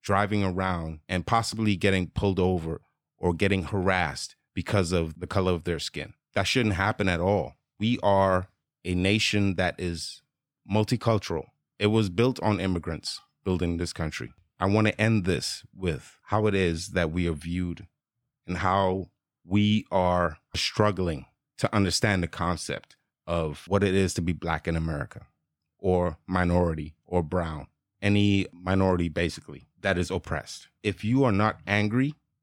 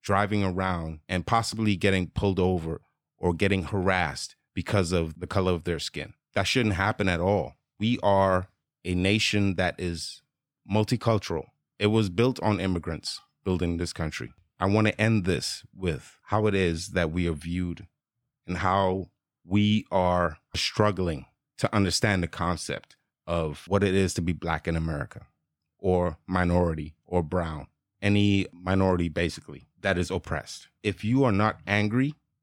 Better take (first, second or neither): neither